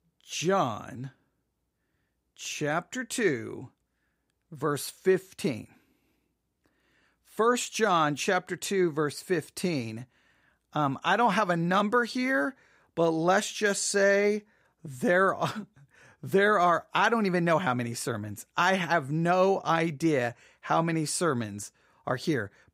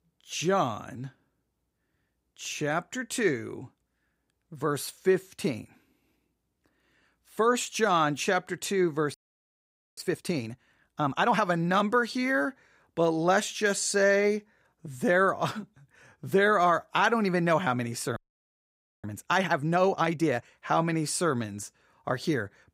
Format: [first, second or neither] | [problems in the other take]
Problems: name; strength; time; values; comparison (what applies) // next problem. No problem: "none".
first | audio freezing; at 9 s for 1 s and at 18 s for 1 s